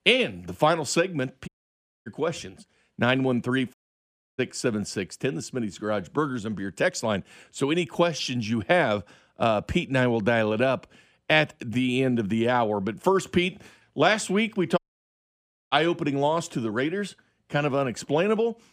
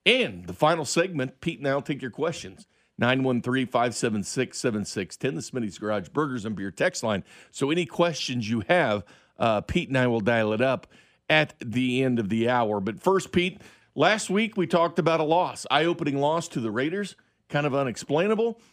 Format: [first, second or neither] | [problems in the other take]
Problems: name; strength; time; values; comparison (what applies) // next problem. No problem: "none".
second | audio cutting out; at 1.5 s for 0.5 s, at 3.5 s for 0.5 s and at 15 s for 1 s